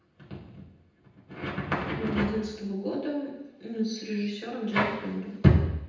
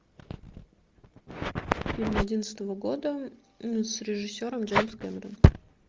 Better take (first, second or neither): second